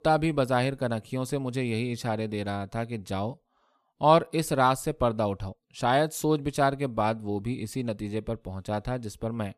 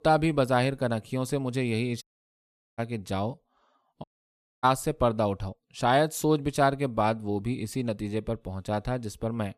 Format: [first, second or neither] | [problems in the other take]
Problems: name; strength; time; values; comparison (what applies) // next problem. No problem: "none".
first | audio cutting out; at 2 s for 1 s and at 4 s for 0.5 s